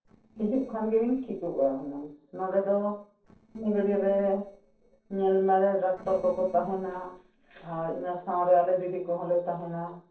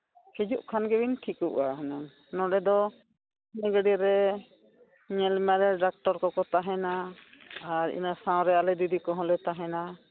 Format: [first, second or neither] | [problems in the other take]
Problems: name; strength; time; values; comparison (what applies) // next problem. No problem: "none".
second | noise reduction (neural separator model SepFormer DNS4)